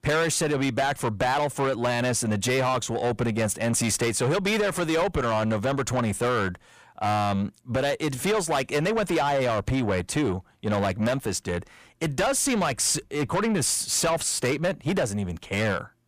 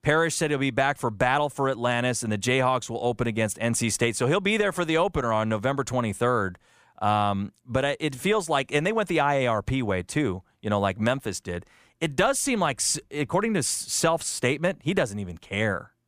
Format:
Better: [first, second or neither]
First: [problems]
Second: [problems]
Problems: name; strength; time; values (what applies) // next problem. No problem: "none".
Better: second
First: distortion; heavy; 7 dB below the speech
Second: none